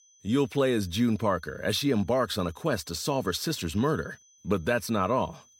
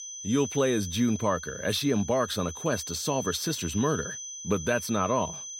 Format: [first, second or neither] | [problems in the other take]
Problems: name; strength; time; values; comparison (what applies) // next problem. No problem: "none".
first | high-pitched whine; loud; throughout; 6 kHz, 9 dB below the speech; faint in the first